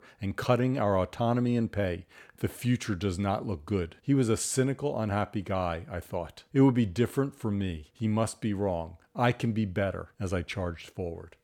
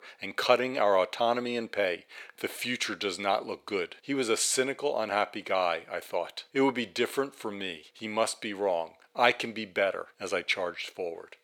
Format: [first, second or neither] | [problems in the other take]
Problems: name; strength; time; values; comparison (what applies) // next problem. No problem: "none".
first | thin; somewhat; fading below 500 Hz